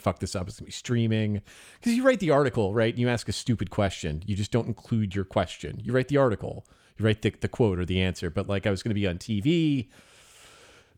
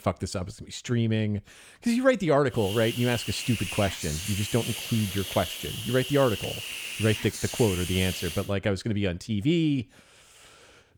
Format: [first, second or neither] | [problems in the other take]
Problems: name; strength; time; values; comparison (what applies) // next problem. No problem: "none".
first | hiss; loud; from 2.5 to 8.5 s; 6 dB below the speech